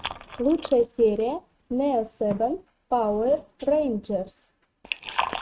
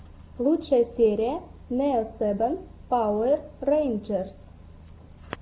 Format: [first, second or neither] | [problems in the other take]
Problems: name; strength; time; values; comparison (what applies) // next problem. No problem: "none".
second | noise reduction (neural mask model RNNoise)